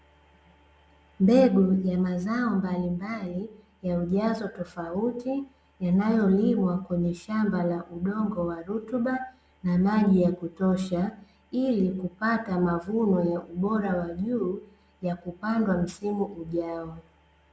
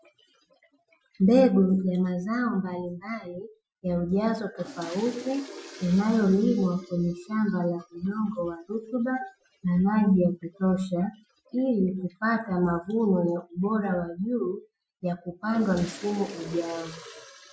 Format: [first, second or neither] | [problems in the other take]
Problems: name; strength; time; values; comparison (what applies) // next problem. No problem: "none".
first | noise reduction (classical method Wiener filter)